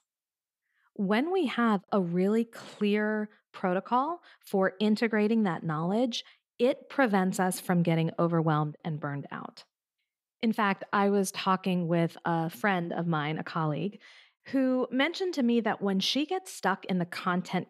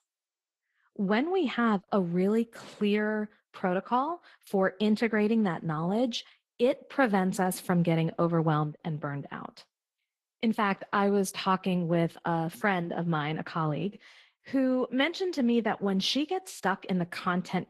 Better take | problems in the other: first | garbled, watery; slightly; nothing above 12 kHz

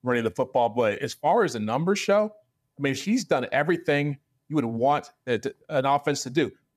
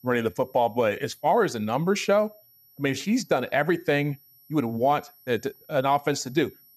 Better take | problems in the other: first | high-pitched whine; faint; throughout; 12 kHz, 30 dB below the speech

